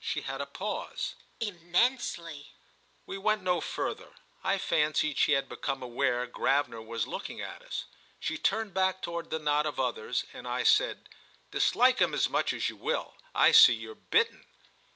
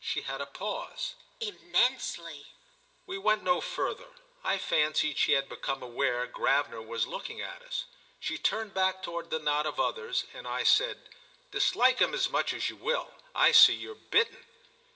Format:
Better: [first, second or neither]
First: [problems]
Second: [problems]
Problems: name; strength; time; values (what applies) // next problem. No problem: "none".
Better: first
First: none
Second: room echo; dies away in 1.2 s